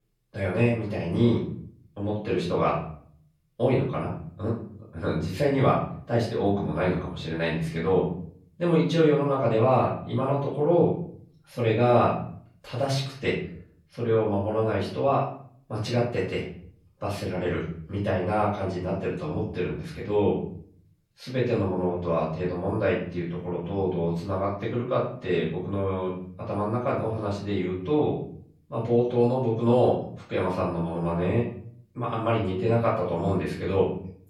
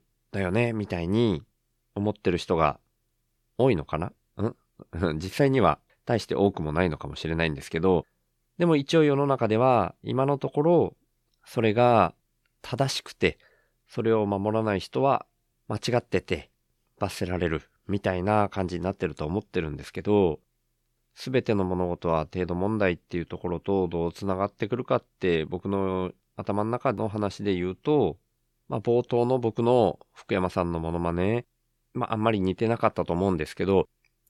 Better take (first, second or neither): second